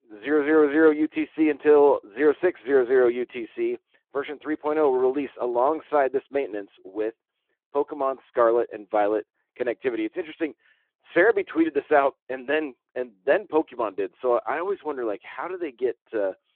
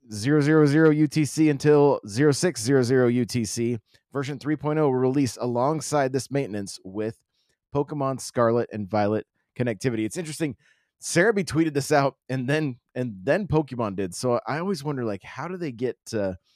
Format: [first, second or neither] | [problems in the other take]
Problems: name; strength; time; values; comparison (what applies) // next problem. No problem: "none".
second | phone-call audio